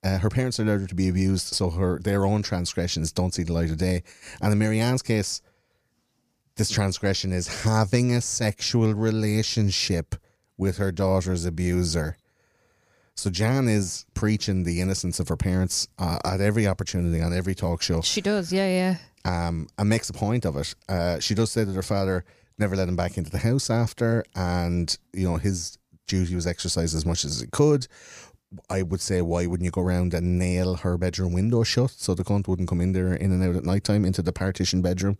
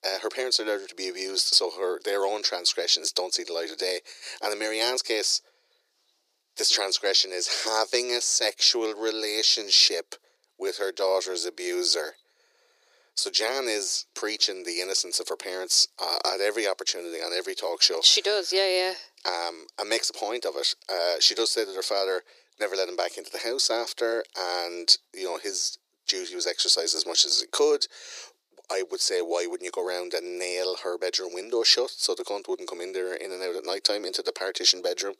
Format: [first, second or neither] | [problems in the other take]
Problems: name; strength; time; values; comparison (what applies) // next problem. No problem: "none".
first | thin; very; fading below 350 Hz